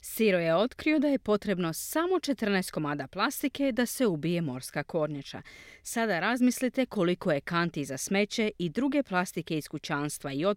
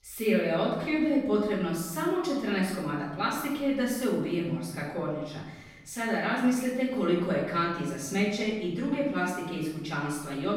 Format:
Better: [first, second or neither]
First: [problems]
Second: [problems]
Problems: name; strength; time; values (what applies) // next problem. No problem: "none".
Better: first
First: none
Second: room echo; noticeable; dies away in 0.9 s // off-mic speech; far